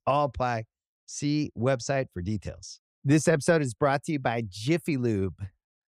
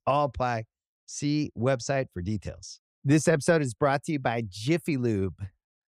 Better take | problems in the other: neither | none

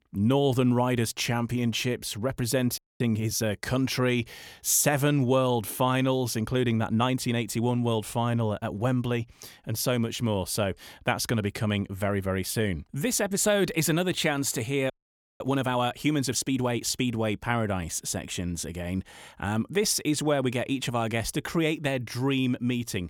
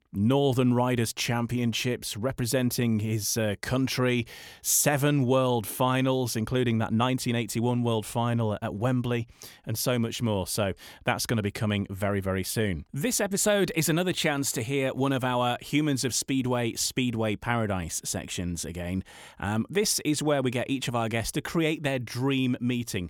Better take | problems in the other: second | audio freezing; at 3 s and at 15 s for 0.5 s

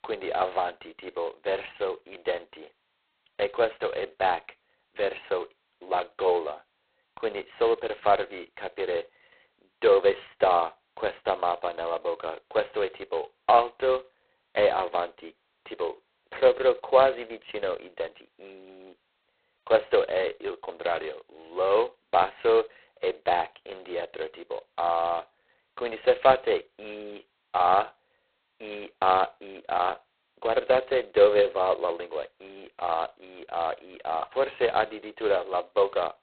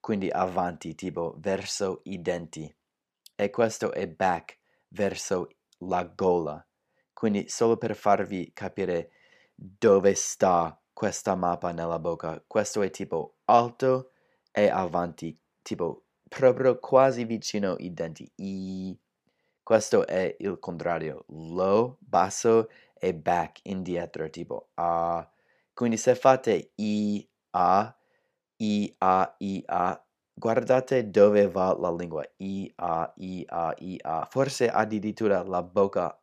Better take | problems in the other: second | phone-call audio; poor line; nothing above 4 kHz

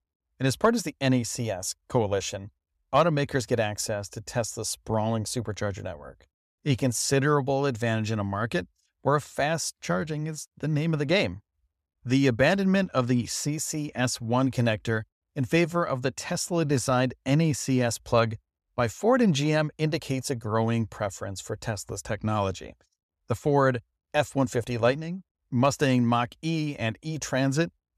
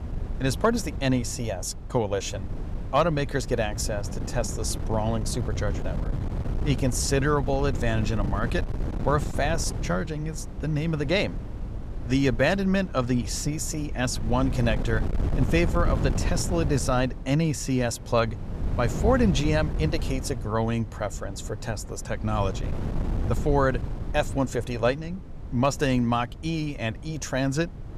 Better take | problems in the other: first | wind noise on the microphone; occasional gusts; 15 dB below the speech

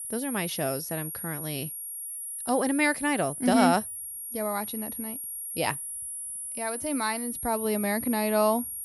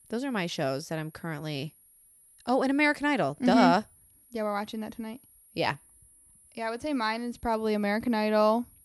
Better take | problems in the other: second | high-pitched whine; loud; throughout; 11.5 kHz, 6 dB below the speech; faint in the second

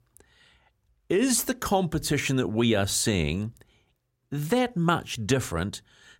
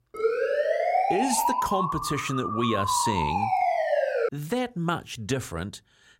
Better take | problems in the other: first | siren; loud; until 4.5 s; peak 5 dB above the speech

